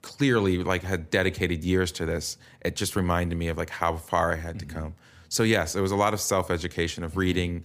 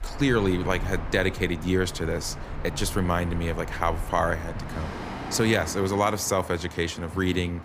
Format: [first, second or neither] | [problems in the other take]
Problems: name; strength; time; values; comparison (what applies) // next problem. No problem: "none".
first | train or aircraft noise; noticeable; throughout; 10 dB below the speech